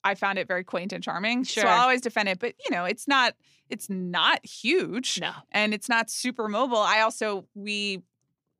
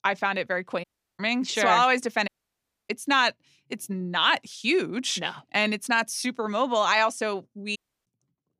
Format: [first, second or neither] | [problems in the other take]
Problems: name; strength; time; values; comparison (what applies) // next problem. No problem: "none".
first | audio cutting out; at 1 s, at 2.5 s for 0.5 s and at 8 s